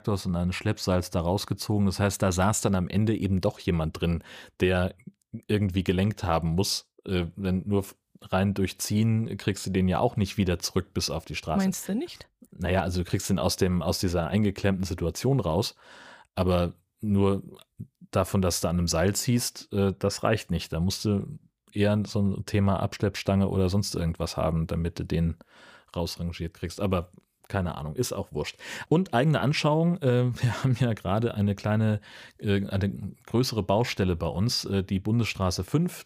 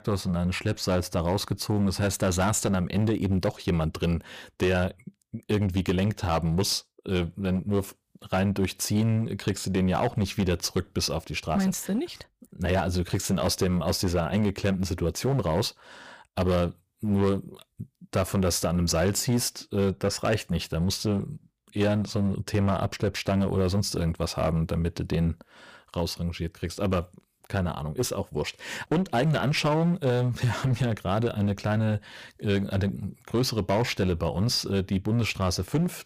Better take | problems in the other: first | distortion; slight; 9% of the sound clipped

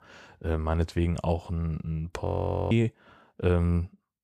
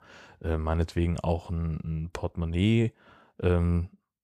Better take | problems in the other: second | audio freezing; at 2.5 s

